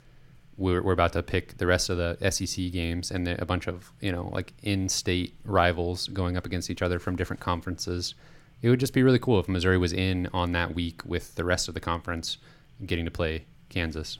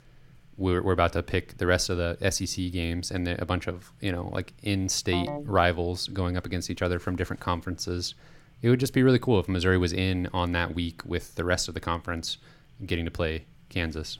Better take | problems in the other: first | phone ringing; noticeable; at 5 s; peak 7 dB below the speech

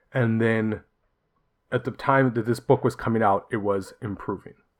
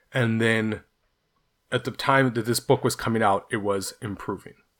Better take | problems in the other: second | muffled; slightly; fading above 2.5 kHz

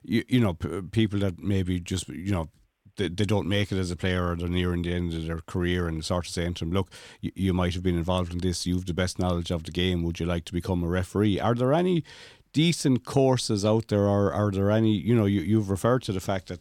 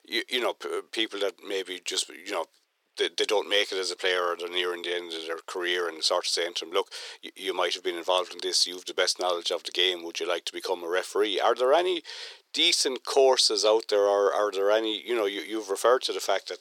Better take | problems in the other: first | thin; very; fading below 400 Hz

